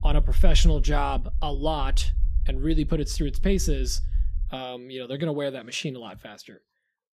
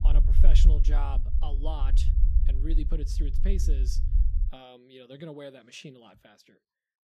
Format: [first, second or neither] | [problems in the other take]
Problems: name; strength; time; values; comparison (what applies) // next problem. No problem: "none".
first | low rumble; loud; until 4.5 s; 6 dB below the speech; faint in the first